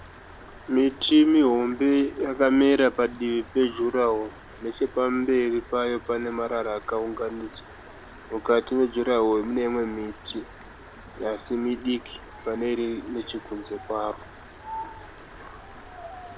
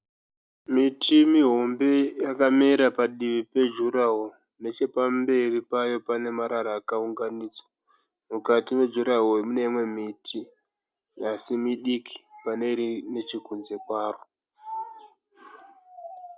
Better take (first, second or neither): second